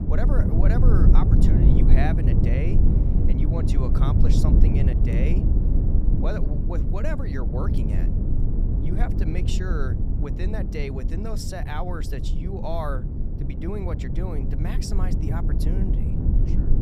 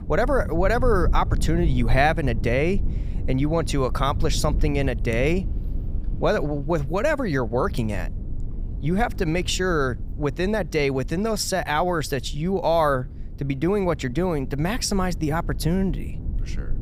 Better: second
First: low rumble; loud; throughout; 1 dB below the speech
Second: low rumble; faint; throughout; 20 dB below the speech

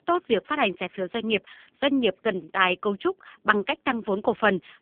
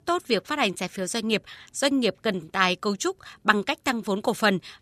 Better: second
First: phone-call audio; poor line; nothing above 3.5 kHz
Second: none

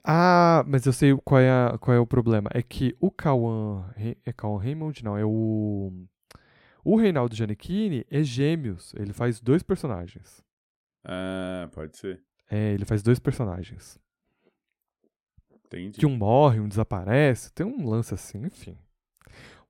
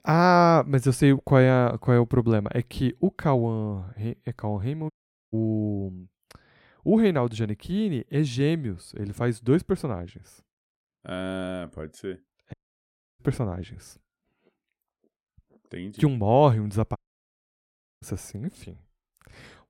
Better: first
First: none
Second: audio cutting out; at 5 s, at 13 s for 0.5 s and at 17 s for 1 s

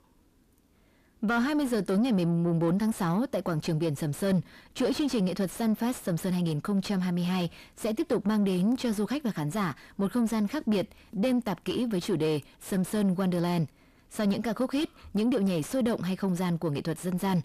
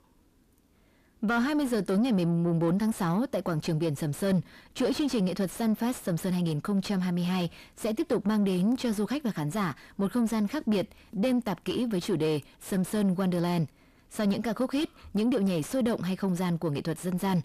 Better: neither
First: distortion; slight; 10 dB below the speech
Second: distortion; slight; 10 dB below the speech

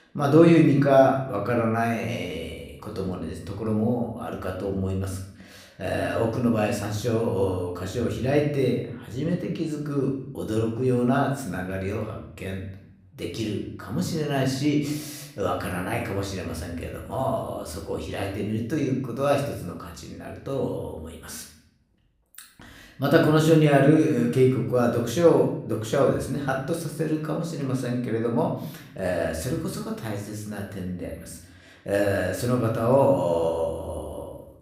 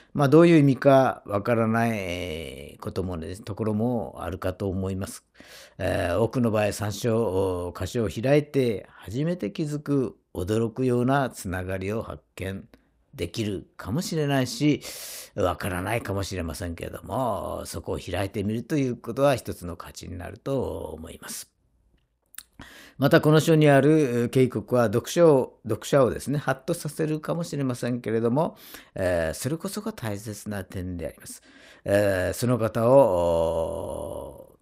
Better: second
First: room echo; slight; dies away in 0.7 s // off-mic speech; somewhat distant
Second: none

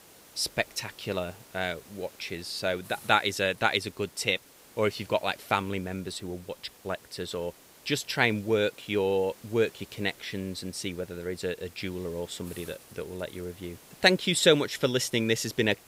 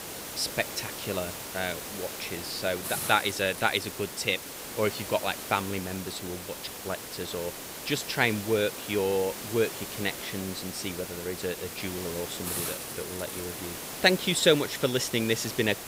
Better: first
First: hiss; faint; throughout; 20 dB below the speech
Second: hiss; loud; throughout; 7 dB below the speech

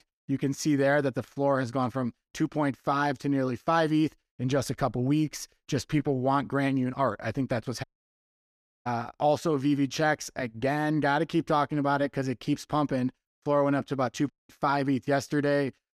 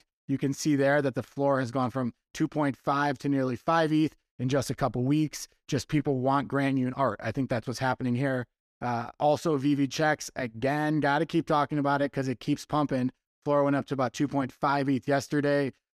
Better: second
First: audio cutting out; at 8 s for 1 s and at 14 s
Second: none

